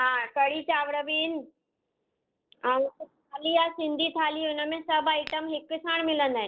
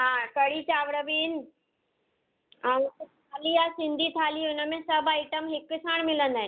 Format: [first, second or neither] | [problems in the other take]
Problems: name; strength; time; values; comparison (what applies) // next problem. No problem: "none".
second | noise reduction (neural separator model SepFormer DNS4)